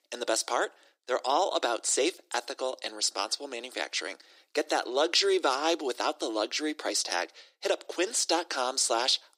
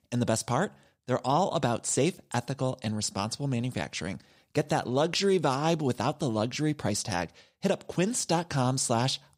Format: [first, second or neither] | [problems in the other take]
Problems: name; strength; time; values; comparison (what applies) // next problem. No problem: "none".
second | thin; very; fading below 300 Hz